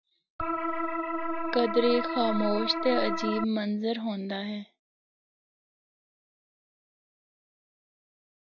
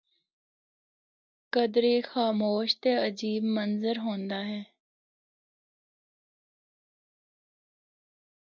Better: second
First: background sound (Organ); 1 dB above the speech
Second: none

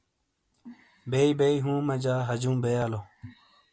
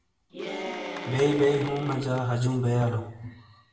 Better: first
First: none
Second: background sound (Applause / Cheering); 10 dB below the speech // room echo; dies away in 0.8 s

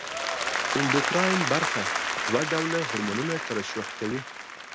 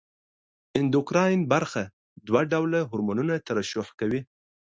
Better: second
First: background sound (Applause); 1 dB above the speech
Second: none

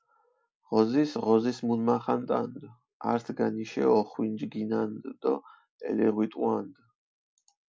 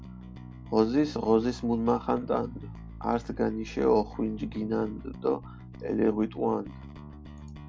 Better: first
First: none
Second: background sound (Bass guitar); 14 dB below the speech

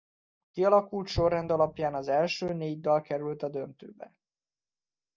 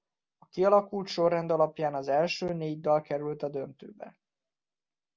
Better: second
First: noise reduction (neural mask model DeepFilterNet 3)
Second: none

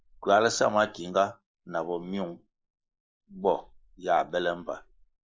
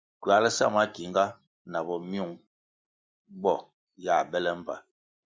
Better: second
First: noise reduction (neural mask model Resemble Enhance denoiser)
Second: none

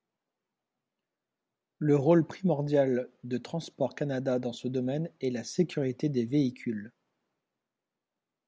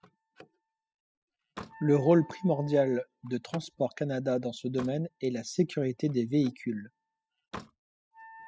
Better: first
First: none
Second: noise reduction (classical method spectral subtraction)

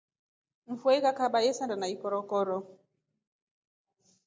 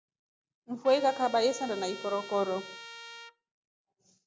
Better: first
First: none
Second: background sound (Trumpet); 14 dB below the speech

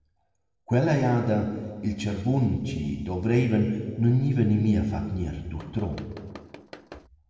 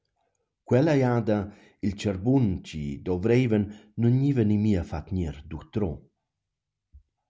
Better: second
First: noise reduction (neural separator model SepFormer DNS4)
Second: none

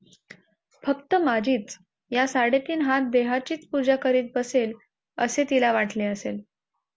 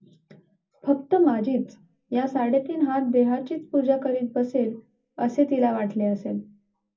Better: first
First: none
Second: room echo; dies away in 0.4 s

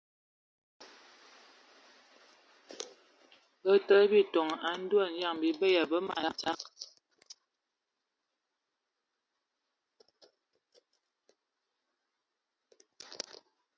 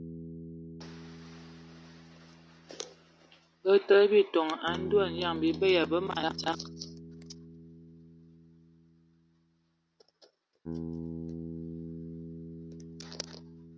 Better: first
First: none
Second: background sound (Bass guitar); 11 dB below the speech

